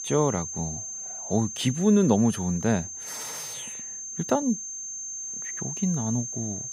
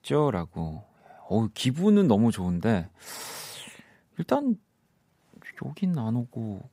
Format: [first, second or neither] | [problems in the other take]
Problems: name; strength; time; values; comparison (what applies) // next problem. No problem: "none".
second | high-pitched whine; loud; throughout; 6.5 kHz, 7 dB below the speech